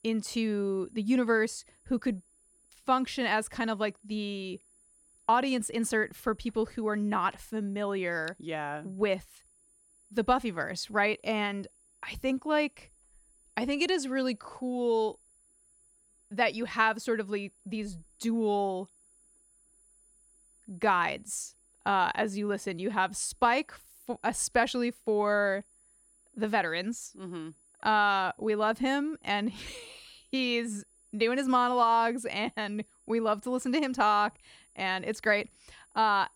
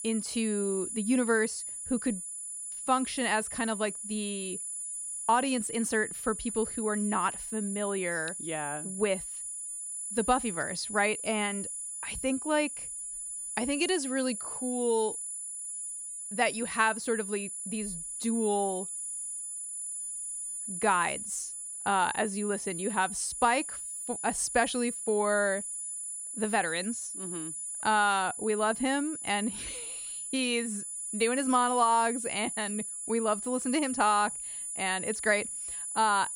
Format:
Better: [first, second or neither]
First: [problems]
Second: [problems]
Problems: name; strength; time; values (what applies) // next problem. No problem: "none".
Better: first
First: high-pitched whine; faint; throughout; 10 kHz, 30 dB below the speech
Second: high-pitched whine; loud; throughout; 10 kHz, 5 dB below the speech